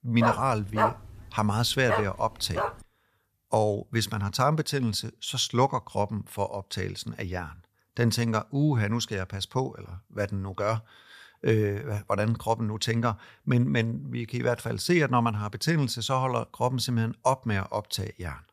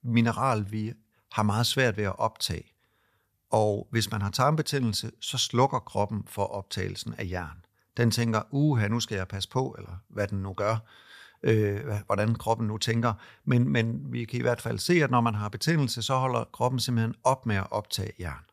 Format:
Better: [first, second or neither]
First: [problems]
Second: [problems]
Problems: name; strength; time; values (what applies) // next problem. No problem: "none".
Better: second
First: dog barking; loud; until 2.5 s; peak 1 dB above the speech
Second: none